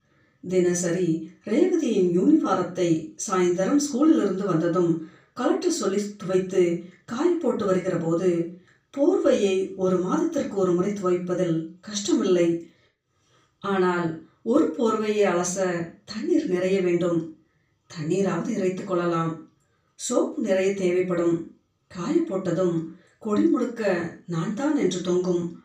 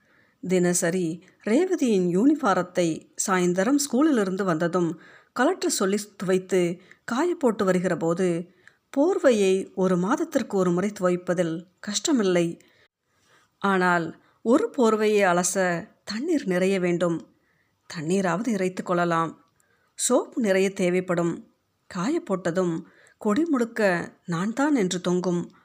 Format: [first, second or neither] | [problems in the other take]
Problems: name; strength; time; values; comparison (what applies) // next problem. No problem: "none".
second | room echo; slight; dies away in 0.3 s // off-mic speech; far